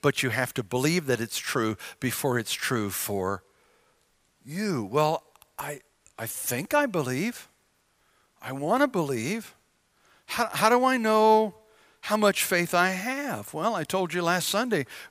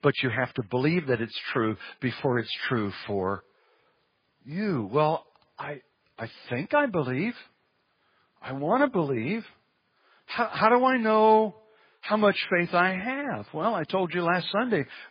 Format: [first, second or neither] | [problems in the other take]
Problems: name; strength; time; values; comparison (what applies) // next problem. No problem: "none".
first | garbled, watery; badly; nothing above 4 kHz